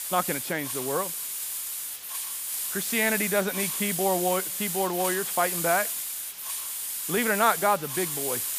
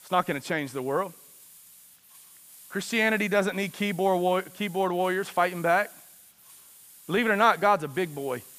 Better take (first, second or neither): second